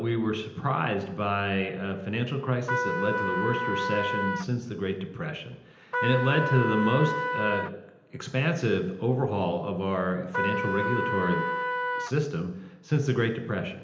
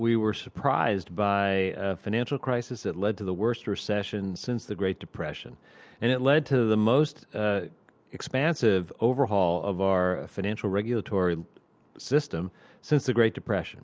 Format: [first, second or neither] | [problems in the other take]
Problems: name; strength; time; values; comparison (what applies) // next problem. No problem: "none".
second | background sound (Trumpet); 2 dB below the speech // room echo; dies away in 0.9 s